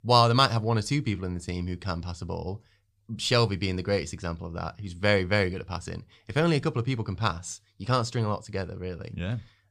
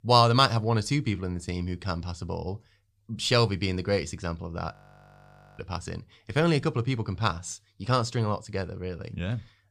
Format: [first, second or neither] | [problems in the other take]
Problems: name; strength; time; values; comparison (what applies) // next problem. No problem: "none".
first | audio freezing; at 4.5 s for 1 s